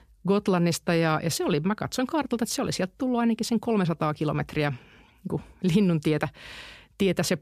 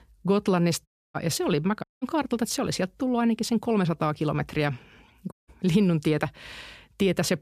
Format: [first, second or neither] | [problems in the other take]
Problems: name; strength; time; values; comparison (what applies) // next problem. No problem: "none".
first | audio cutting out; at 1 s, at 2 s and at 5.5 s